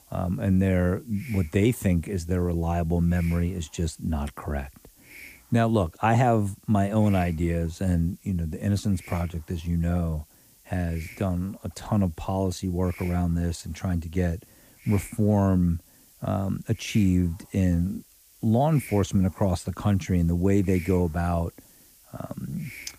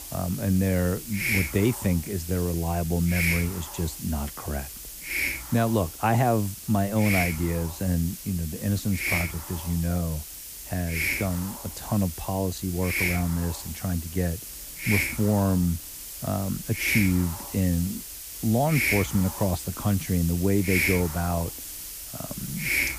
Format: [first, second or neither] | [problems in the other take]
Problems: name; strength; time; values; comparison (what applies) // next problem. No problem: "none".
first | hiss; loud; throughout; 4 dB below the speech; faint in the first